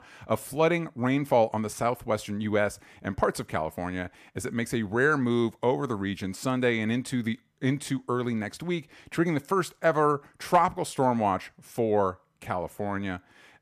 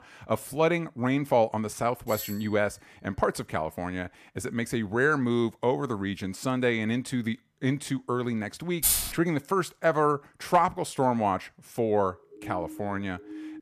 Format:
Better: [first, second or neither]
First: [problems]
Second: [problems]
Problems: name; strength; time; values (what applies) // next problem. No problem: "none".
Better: first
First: none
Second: doorbell; noticeable; at 2 s; peak 9 dB below the speech // jangling keys; loud; at 9 s; peak 5 dB above the speech // siren; faint; from 12 s on; peak 10 dB below the speech